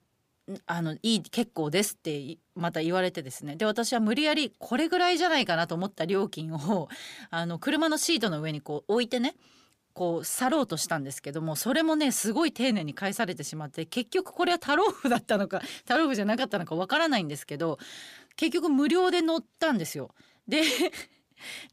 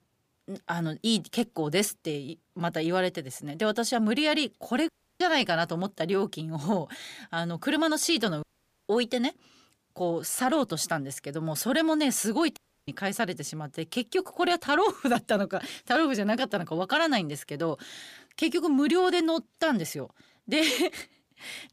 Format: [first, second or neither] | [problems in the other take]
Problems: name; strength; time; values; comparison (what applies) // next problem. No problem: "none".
first | audio cutting out; at 5 s, at 8.5 s and at 13 s